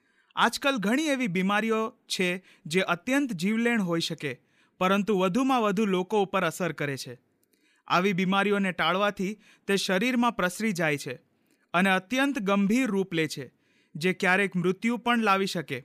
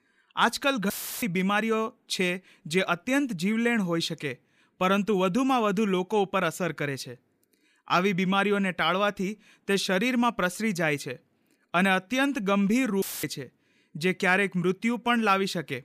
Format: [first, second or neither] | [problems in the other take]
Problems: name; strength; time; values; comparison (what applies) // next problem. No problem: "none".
first | audio cutting out; filled with static; at 1 s and at 13 s